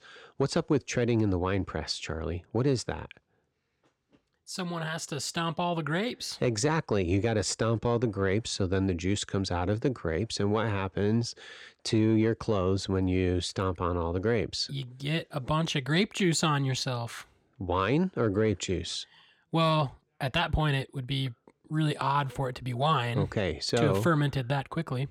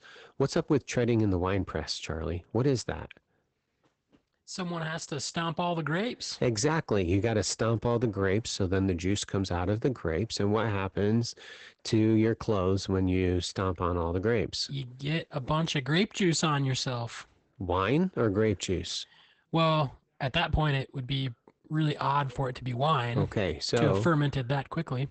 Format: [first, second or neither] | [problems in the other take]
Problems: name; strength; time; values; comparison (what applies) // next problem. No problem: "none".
first | garbled, watery; badly; nothing above 8 kHz